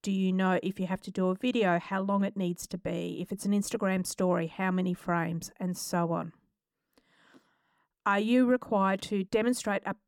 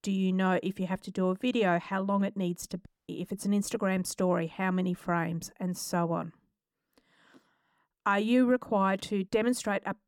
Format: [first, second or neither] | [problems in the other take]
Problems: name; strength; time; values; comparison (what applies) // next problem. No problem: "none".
first | audio cutting out; at 3 s